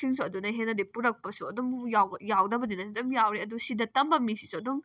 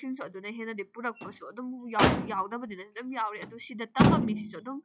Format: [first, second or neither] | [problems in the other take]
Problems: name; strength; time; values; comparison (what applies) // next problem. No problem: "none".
first | noise reduction (classical method log-MMSE)